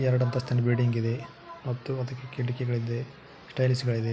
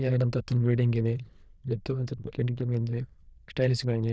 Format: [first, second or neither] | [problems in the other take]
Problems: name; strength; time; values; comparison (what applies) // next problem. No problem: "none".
first | noise reduction (neural diffusion model UNIVERSE++)